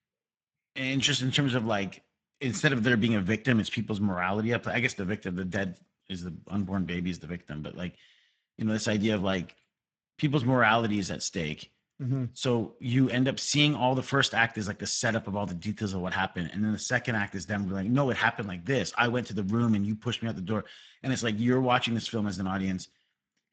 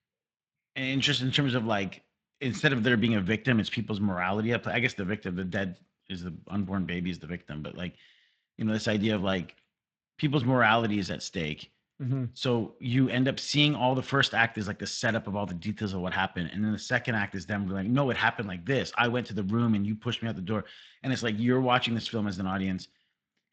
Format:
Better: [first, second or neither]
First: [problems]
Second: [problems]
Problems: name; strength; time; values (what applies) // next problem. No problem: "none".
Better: second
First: garbled, watery; badly; nothing above 7.5 kHz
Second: garbled, watery; slightly; nothing above 7.5 kHz